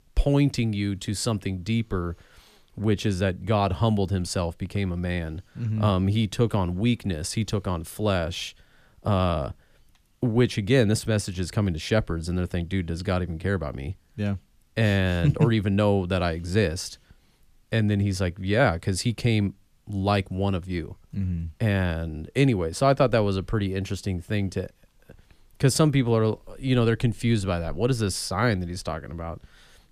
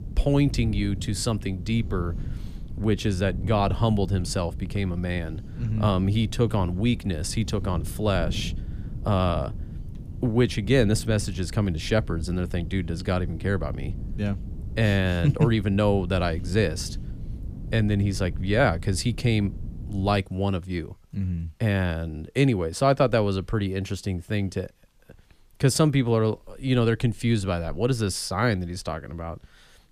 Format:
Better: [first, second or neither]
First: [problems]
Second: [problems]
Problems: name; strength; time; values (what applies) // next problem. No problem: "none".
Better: first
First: none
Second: wind noise on the microphone; occasional gusts; until 20 s; 20 dB below the speech